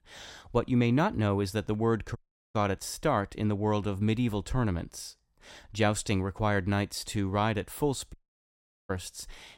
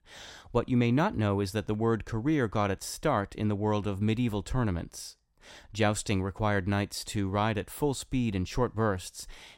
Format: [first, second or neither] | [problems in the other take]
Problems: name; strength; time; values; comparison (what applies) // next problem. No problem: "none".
second | audio cutting out; at 2 s and at 8 s for 1 s